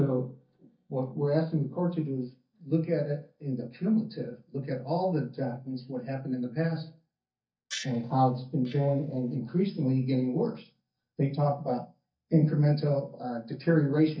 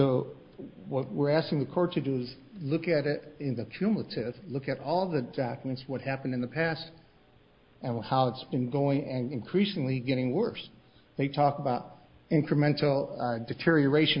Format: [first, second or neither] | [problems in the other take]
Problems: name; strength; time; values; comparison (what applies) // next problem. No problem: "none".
second | noise reduction (neural mask model DeepFilterNet 3)